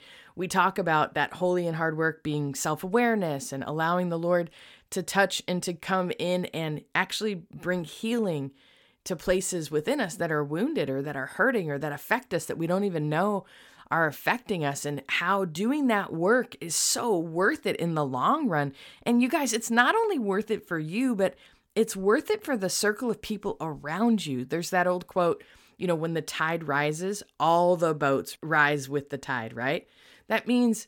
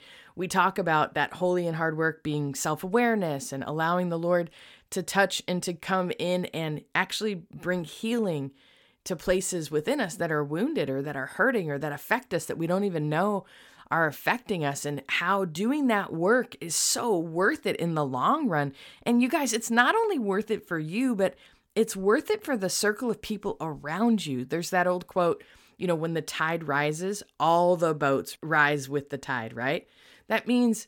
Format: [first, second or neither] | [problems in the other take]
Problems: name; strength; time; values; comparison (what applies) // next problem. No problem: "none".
neither | none